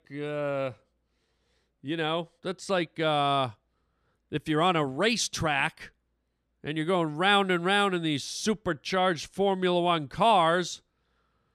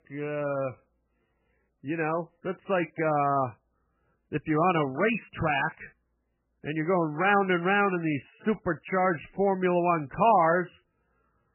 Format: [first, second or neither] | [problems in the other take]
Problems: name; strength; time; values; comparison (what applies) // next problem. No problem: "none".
first | garbled, watery; badly; nothing above 3 kHz